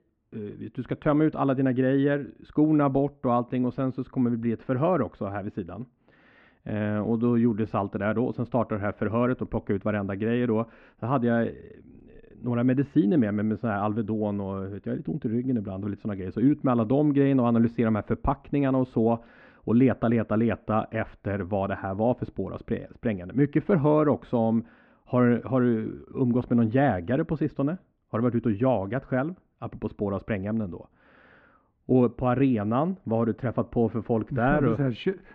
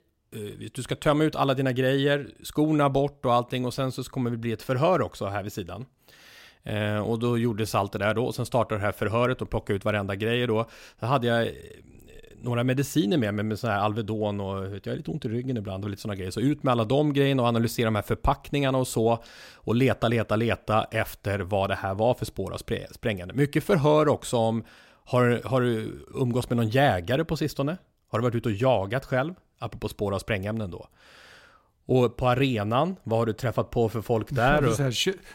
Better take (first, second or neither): second